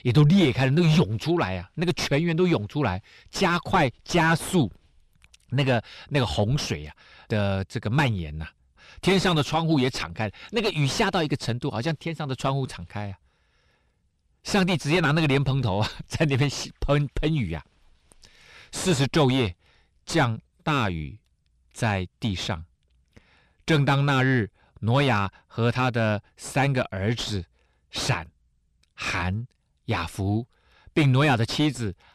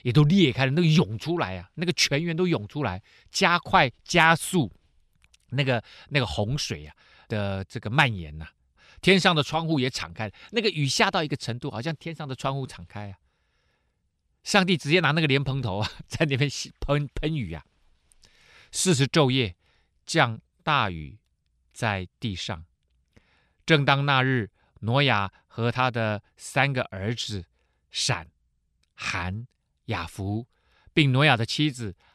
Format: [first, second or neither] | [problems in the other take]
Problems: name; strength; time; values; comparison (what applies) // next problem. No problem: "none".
second | distortion; heavy; 6 dB below the speech